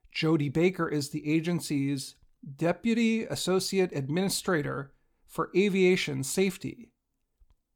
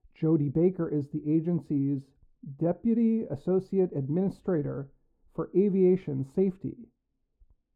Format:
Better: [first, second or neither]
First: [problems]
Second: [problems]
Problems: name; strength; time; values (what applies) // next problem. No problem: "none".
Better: first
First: none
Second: muffled; very; fading above 1.5 kHz